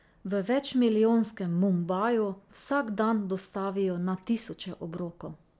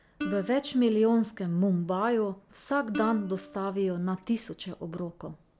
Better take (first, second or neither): first